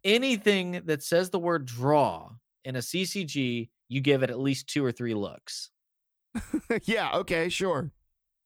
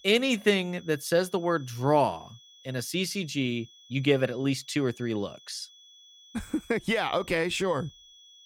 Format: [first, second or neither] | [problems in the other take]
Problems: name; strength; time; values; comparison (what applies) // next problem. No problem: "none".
first | high-pitched whine; faint; throughout; 3.5 kHz, 25 dB below the speech